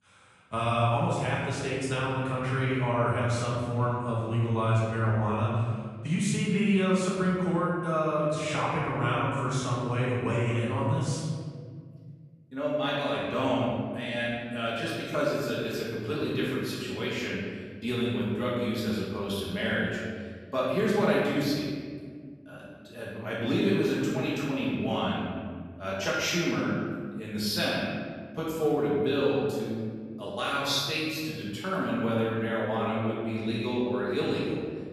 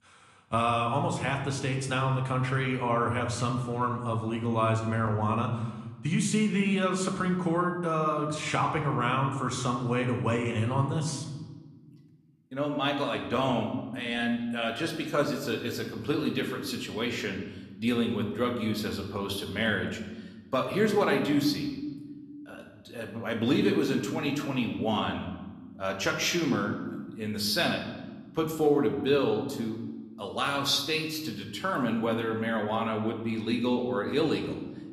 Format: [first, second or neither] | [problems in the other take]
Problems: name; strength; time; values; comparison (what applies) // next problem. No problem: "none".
second | room echo; strong; dies away in 1.7 s; slight in the second // off-mic speech; far